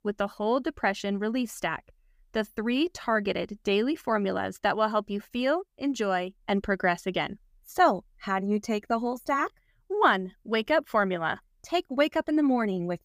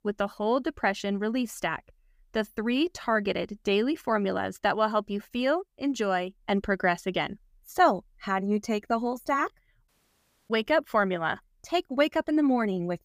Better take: first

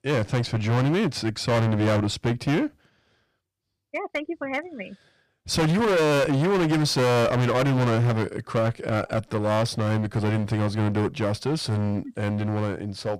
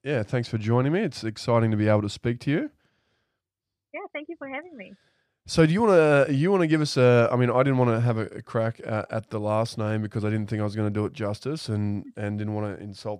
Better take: second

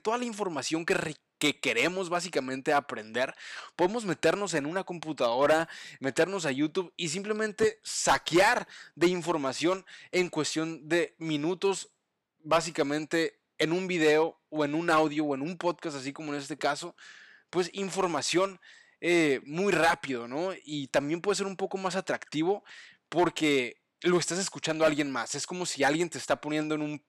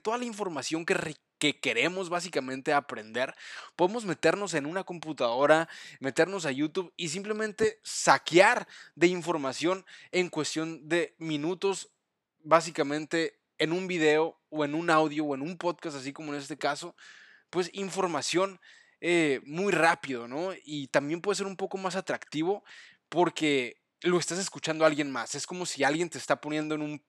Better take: second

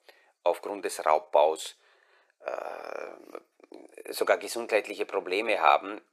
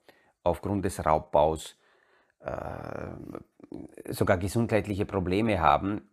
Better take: second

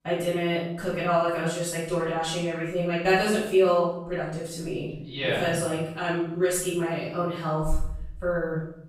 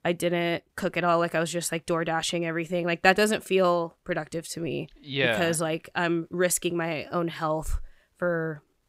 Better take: second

